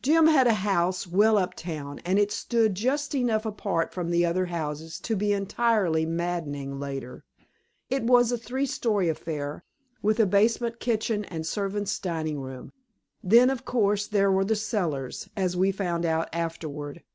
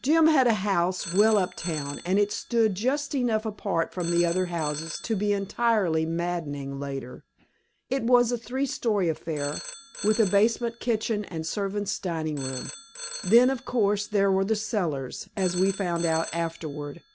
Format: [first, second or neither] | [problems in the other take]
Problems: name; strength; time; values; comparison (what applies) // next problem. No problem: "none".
first | background sound (Telephone); 16 dB below the speech